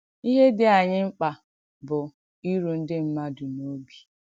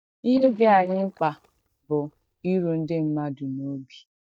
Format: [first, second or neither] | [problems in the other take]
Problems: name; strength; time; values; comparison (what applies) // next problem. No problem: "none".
first | noise reduction (neural mask model DeepFilterNet 3)